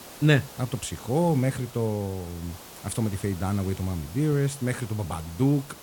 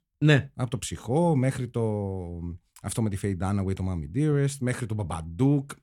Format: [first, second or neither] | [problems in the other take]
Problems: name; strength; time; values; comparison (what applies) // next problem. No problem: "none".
second | hiss; noticeable; throughout; 15 dB below the speech